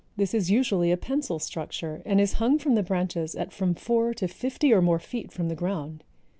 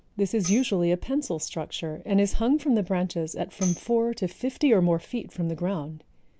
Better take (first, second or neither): first